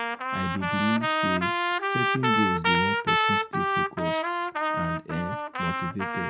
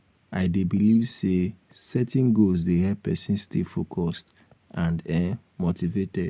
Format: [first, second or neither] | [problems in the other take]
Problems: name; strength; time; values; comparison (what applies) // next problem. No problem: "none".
second | background sound (Trumpet); 5 dB above the speech